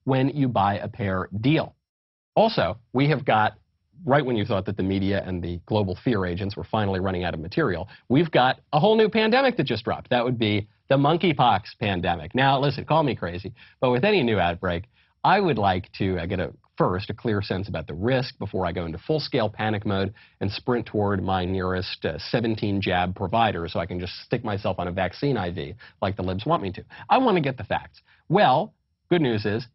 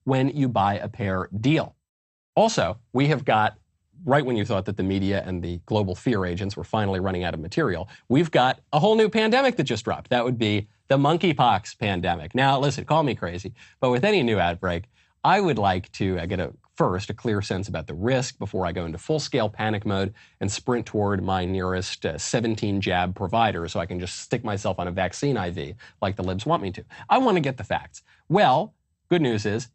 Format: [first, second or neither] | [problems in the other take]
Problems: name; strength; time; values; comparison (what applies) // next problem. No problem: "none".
second | garbled, watery; badly; nothing above 5.5 kHz; slightly in the second